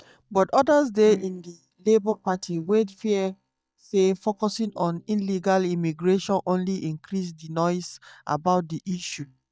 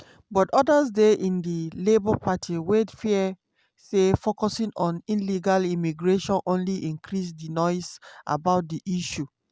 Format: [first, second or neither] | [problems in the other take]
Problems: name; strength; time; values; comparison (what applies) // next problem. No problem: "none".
second | noise reduction (neural mask model DeepFilterNet 3)